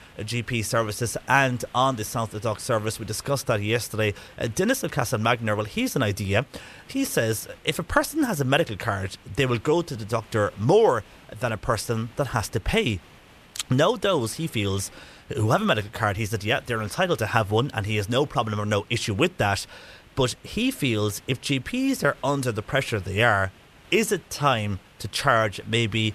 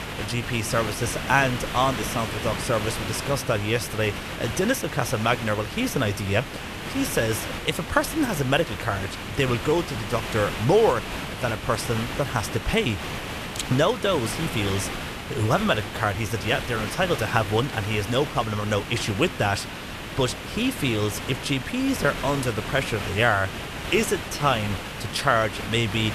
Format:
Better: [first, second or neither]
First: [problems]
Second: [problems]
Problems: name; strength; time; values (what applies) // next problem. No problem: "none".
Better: first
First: hiss; faint; throughout; 25 dB below the speech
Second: hiss; loud; throughout; 7 dB below the speech